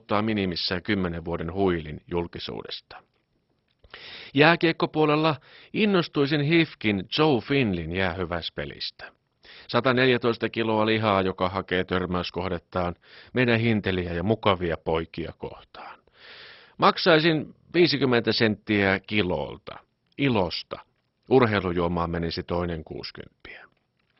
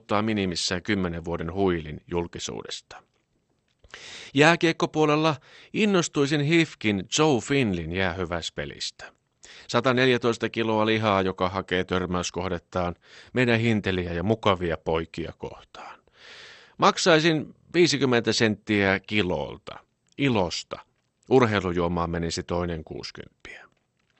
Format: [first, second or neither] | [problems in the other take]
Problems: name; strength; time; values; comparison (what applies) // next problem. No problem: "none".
second | garbled, watery; badly; nothing above 5.5 kHz; slightly in the second